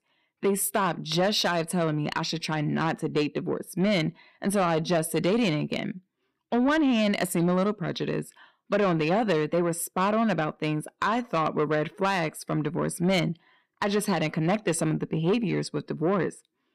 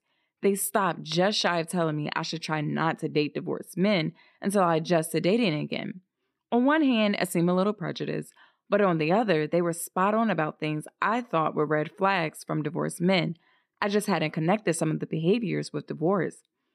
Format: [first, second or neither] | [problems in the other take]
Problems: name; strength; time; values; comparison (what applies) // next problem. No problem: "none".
second | distortion; slight; 10 dB below the speech